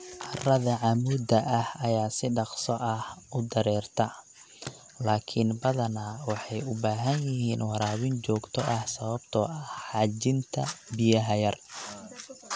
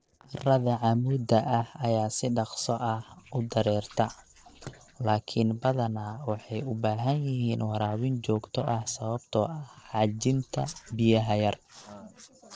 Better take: first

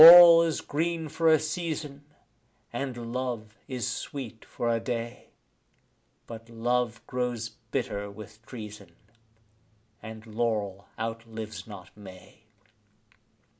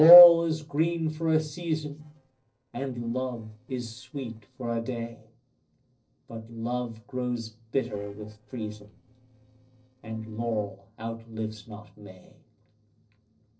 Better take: first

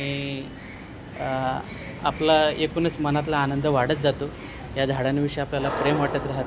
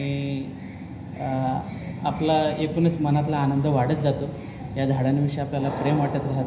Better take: first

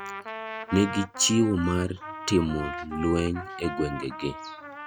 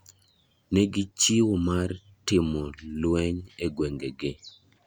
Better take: second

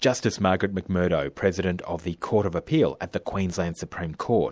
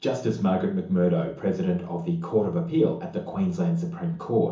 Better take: first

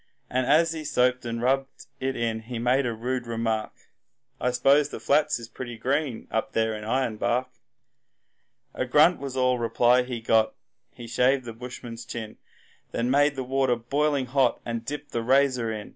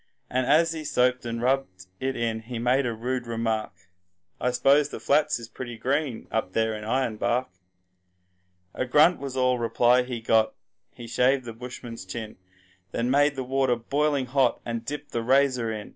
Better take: first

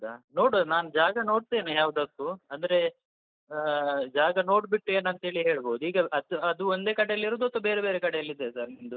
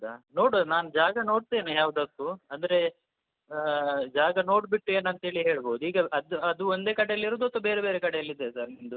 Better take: second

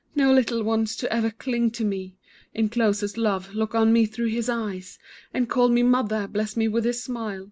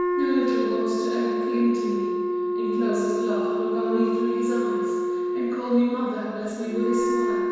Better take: first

